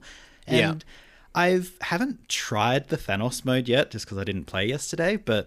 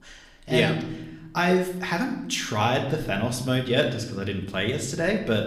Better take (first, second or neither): first